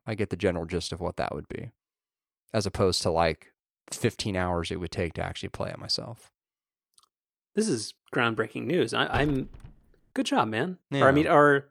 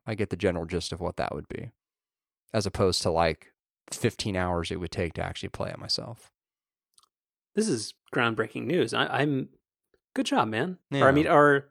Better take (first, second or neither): second